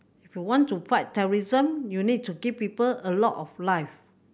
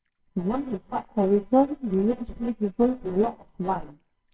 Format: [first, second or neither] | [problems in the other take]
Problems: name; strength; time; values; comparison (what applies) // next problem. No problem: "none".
first | noise reduction (neural separator model SepFormer WHAMR!)